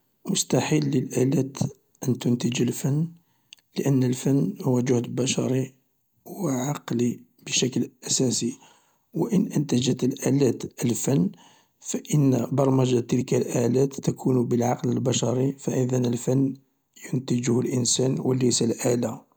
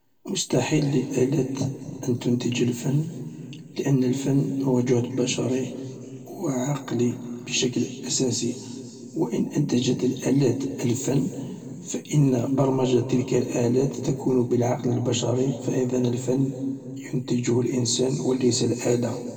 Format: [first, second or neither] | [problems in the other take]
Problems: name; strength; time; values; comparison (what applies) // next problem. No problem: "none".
first | room echo; dies away in 2.4 s